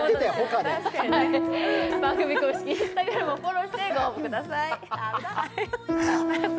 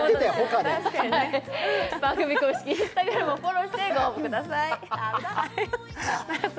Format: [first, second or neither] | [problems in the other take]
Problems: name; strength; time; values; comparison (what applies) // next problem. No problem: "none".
second | background sound (Piano); 4 dB below the speech